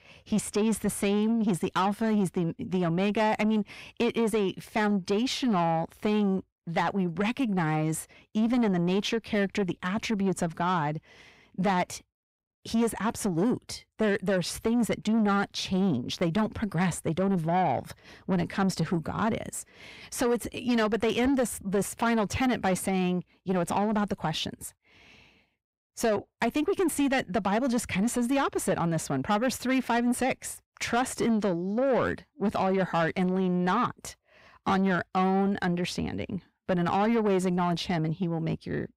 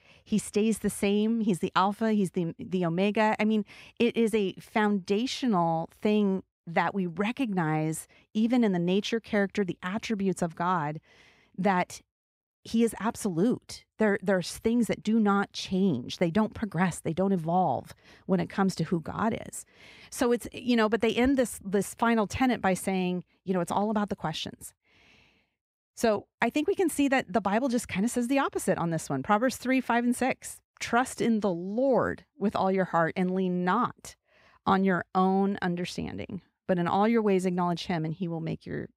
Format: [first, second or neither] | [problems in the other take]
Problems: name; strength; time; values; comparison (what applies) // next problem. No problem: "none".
second | distortion; slight; 10 dB below the speech